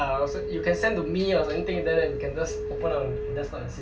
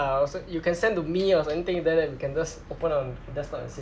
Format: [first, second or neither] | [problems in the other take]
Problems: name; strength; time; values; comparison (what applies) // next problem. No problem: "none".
second | background sound (Telephone); 5 dB below the speech // room echo; dies away in 0.1 s